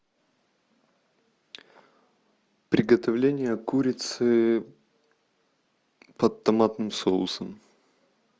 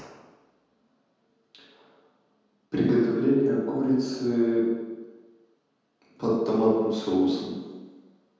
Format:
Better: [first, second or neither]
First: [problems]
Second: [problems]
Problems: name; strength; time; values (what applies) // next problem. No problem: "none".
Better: first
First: none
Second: room echo; dies away in 1.2 s